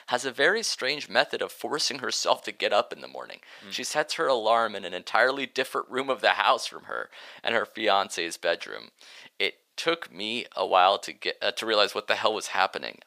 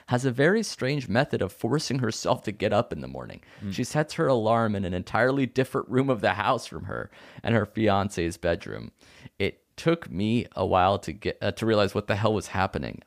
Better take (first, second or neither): second